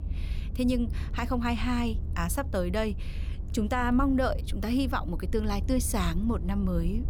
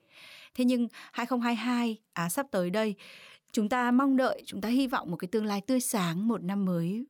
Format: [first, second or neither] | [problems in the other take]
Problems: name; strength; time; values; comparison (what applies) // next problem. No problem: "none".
second | low rumble; noticeable; throughout; 20 dB below the speech